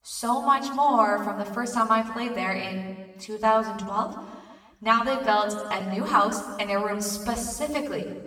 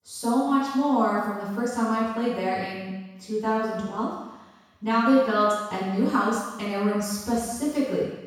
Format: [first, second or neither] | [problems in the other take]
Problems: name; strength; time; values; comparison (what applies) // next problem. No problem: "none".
first | room echo; strong; dies away in 1.1 s; slight in the first // off-mic speech; far; far in the first